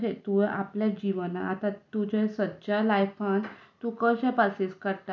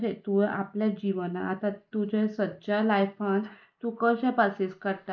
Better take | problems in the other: first | noise reduction (neural mask model Resemble Enhance denoiser)

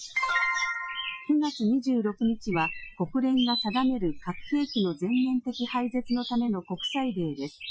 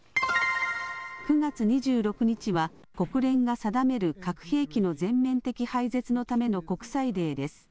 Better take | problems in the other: second | noise reduction (classical method Wiener filter)

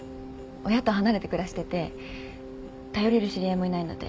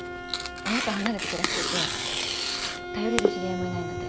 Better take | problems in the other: first | background sound (Bowed string instrument + Tearing); 4 dB above the speech

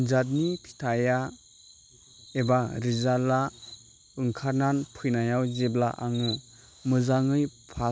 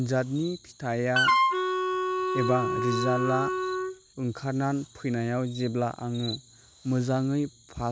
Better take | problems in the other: first | background sound (Wind instrument, woodwind instrument); 2 dB above the speech

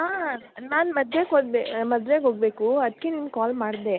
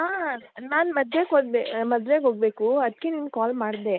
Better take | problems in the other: first | noise reduction (neural mask model Resemble Enhance denoiser)

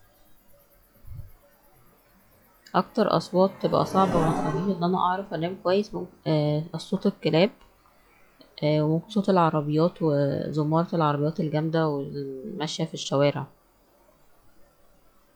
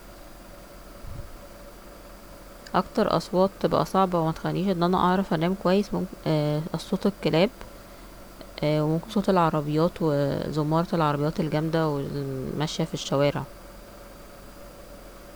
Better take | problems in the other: second | noise reduction (classical method log-MMSE)

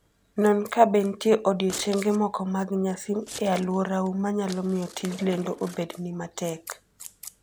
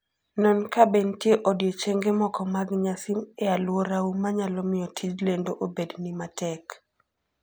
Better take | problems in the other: second | background sound (Splash, splatter + Scissors); 19 dB below the speech

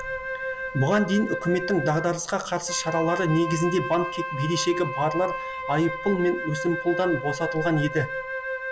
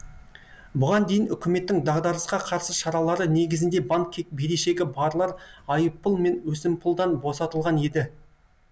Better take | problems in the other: second | background sound (Wind instrument, woodwind instrument); 6 dB below the speech

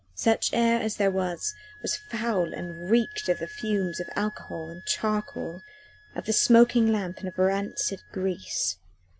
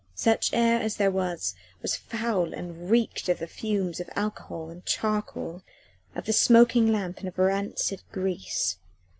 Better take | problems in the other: second | background sound (Wind instrument, woodwind instrument); 20 dB below the speech

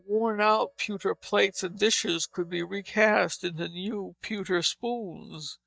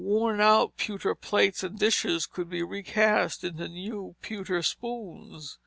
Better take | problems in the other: second | noise reduction (neural mask model DeepFilterNet 3)

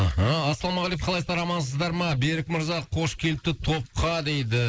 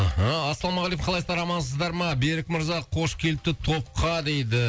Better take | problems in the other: second | noise reduction (neural mask model Resemble Enhance denoiser)

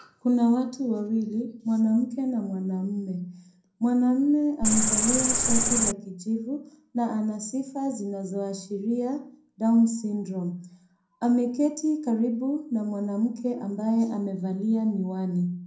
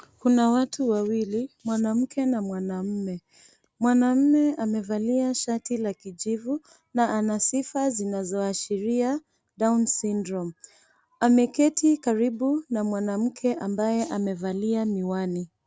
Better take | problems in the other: second | background sound (Cricket); 5 dB above the speech // room echo; dies away in 0.5 s

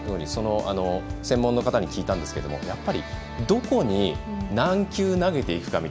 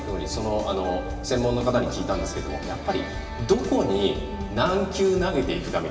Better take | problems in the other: first | room echo; dies away in 1.1 s

